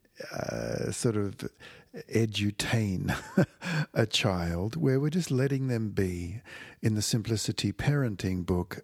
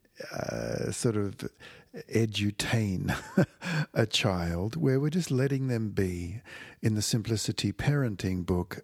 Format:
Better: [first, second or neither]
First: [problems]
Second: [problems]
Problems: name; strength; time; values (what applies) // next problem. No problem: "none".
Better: neither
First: none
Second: none